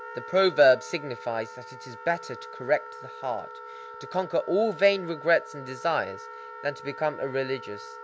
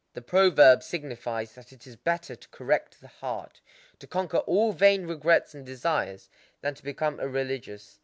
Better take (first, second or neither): second